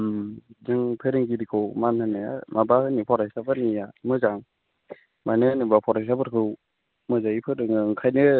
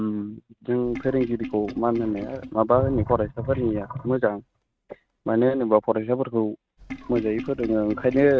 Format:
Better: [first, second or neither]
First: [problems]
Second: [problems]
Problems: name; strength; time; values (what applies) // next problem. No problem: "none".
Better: first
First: none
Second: noise reduction (neural mask model RNNoise)